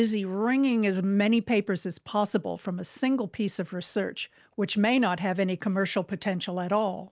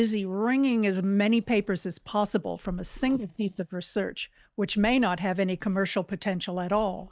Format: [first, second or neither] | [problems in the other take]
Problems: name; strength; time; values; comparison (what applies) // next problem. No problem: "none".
first | noise reduction (neural mask model DeepFilterNet 3)